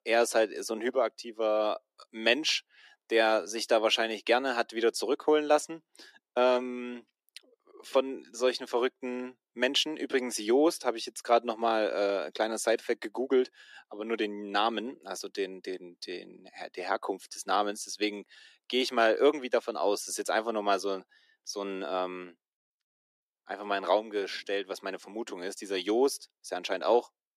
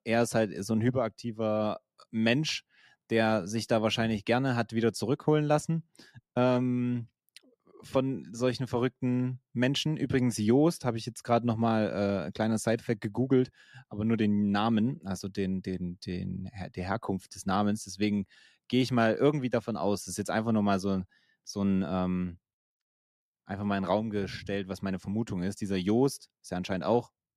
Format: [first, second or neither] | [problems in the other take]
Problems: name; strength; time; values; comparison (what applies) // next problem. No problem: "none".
second | thin; somewhat; fading below 350 Hz